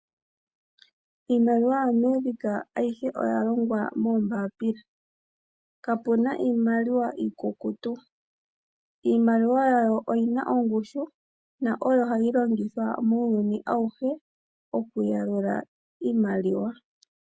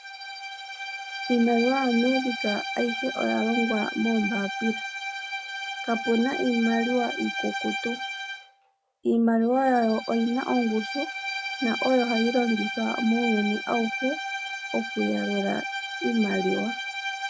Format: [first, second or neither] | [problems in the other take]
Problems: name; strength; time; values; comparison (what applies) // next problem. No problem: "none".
first | background sound (Bowed string instrument); 6 dB below the speech